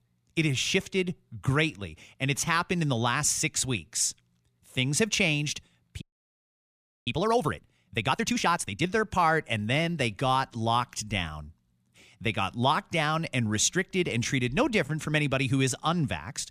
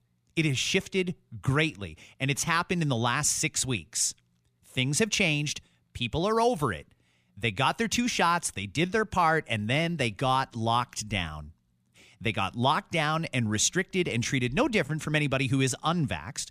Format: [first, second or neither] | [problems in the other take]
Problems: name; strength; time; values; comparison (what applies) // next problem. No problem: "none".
second | audio freezing; at 6 s for 1 s